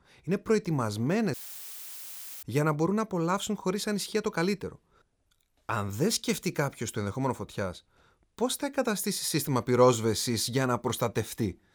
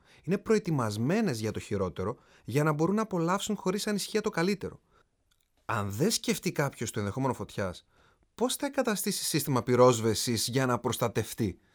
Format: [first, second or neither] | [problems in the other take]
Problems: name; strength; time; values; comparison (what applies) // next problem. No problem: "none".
second | audio cutting out; filled with static; at 1.5 s for 1 s